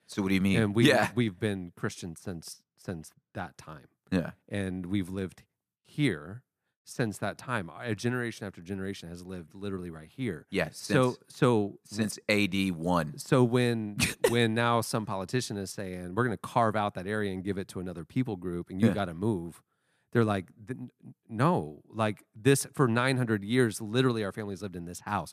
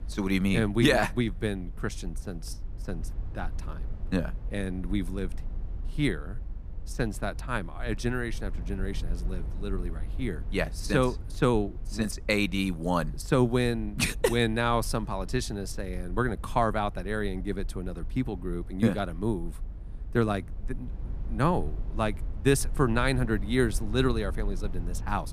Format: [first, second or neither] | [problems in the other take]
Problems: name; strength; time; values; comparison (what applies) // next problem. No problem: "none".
first | low rumble; faint; throughout; 25 dB below the speech